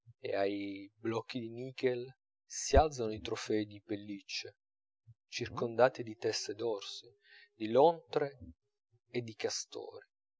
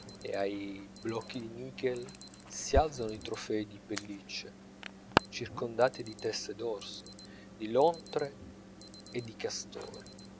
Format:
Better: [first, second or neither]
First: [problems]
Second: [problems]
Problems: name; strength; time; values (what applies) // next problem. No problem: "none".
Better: first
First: none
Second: background sound (Alarm); 8 dB below the speech